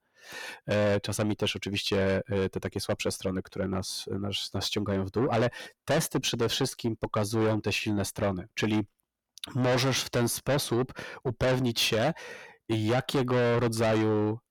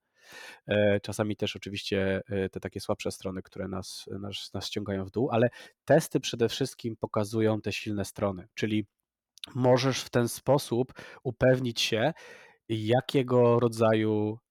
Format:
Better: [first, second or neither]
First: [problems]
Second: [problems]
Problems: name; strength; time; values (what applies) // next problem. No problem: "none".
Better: second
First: distortion; heavy; 5 dB below the speech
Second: none